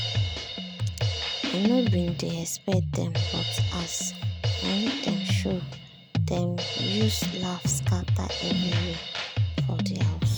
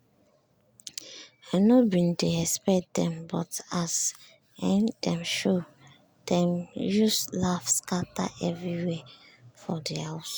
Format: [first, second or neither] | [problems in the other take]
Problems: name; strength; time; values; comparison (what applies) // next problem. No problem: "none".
second | background sound (Drum kit); 4 dB above the speech